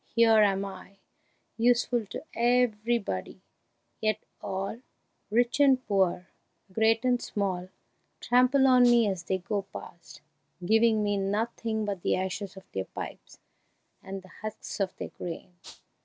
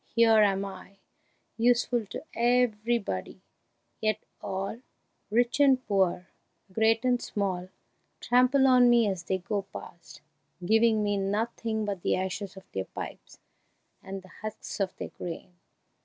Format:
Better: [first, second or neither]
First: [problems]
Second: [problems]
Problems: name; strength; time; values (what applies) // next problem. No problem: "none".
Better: second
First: background sound (Rattle (instrument)); 19 dB below the speech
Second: none